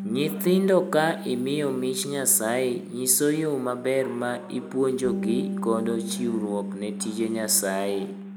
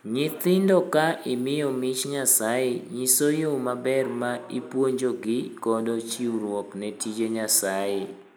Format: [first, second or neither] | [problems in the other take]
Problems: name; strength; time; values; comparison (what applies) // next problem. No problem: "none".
second | background sound (Bass guitar); 9 dB below the speech